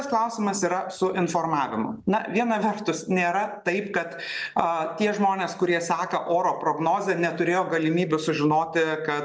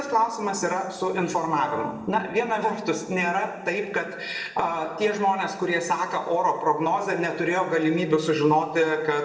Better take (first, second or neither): first